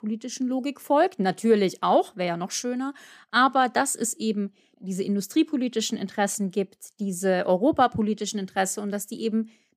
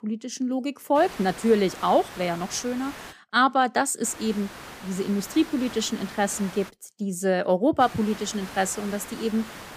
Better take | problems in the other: first | hiss; noticeable; from 1 to 3 s, from 4 to 6.5 s and from 8 s on; 15 dB below the speech

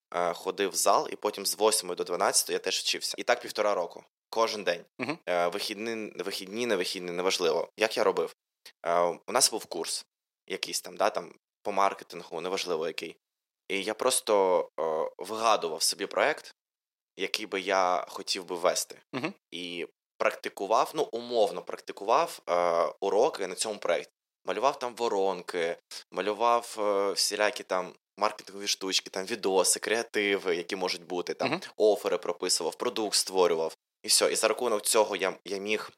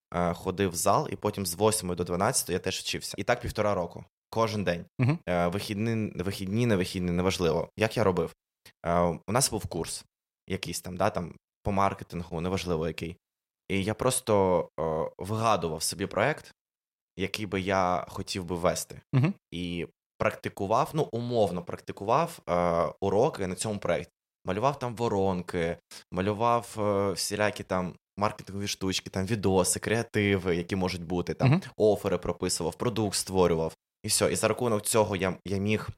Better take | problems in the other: second | thin; somewhat; fading below 350 Hz

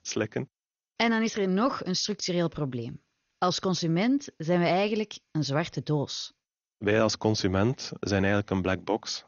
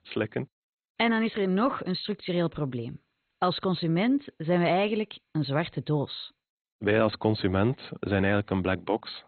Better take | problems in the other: first | garbled, watery; badly; nothing above 4 kHz; slightly in the first

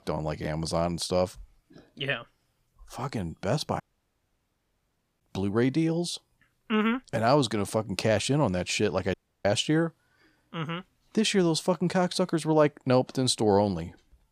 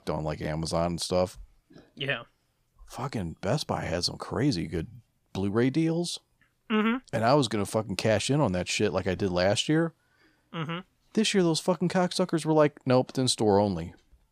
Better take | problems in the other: second | audio cutting out; at 4 s for 1.5 s and at 9 s

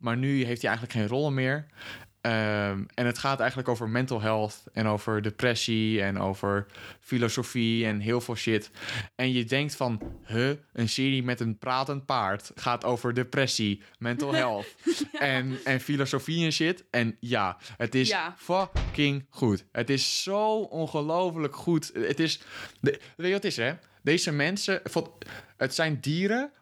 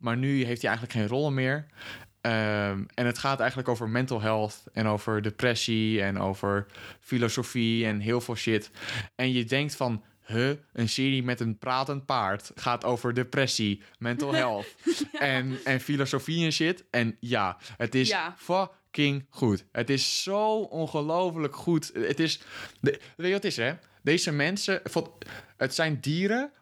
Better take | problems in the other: second | door banging; faint; at 10 s; peak 15 dB below the speech // door banging; noticeable; at 19 s; peak 6 dB below the speech

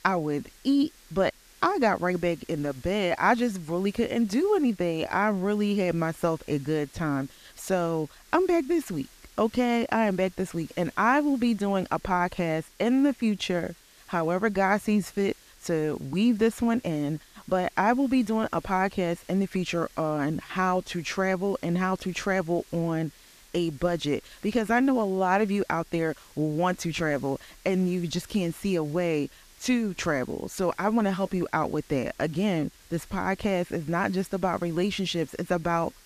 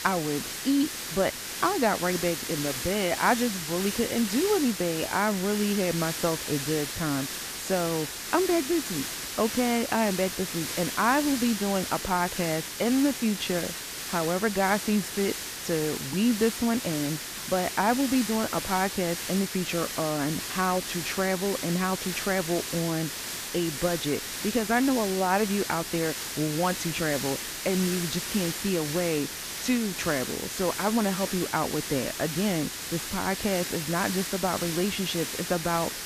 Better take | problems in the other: first | hiss; loud; throughout; 4 dB below the speech; faint in the first

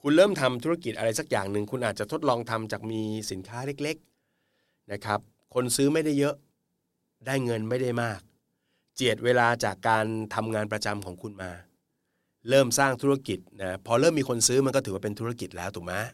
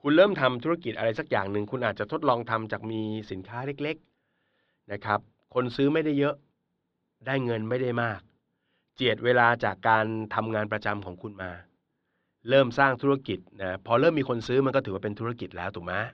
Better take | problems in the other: first | muffled; very; fading above 3.5 kHz

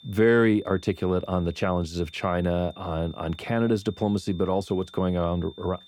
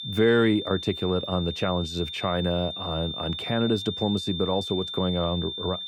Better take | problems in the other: first | high-pitched whine; loud; throughout; 3.5 kHz, 6 dB below the speech; faint in the first

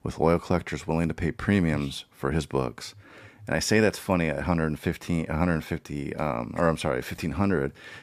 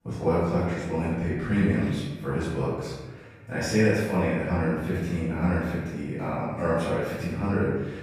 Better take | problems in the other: first | room echo; strong; dies away in 1.2 s // off-mic speech; far

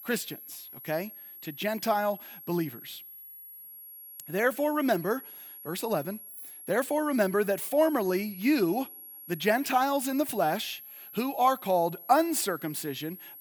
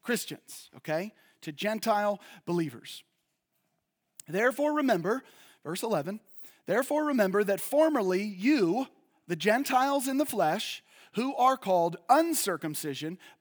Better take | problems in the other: second | high-pitched whine; noticeable; throughout; 11.5 kHz, 15 dB below the speech

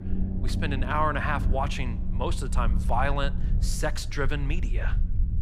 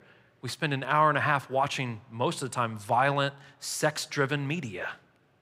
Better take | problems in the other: second | low rumble; noticeable; throughout; 15 dB below the speech

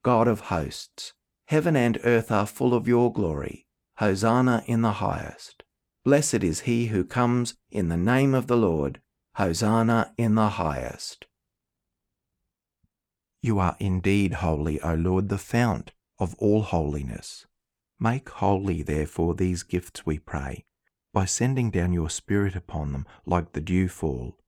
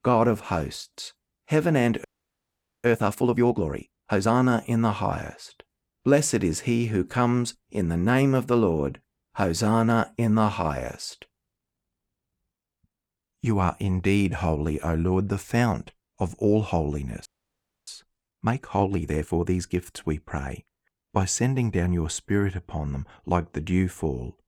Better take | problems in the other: first | audio freezing; at 2 s for 1 s and at 17 s for 0.5 s

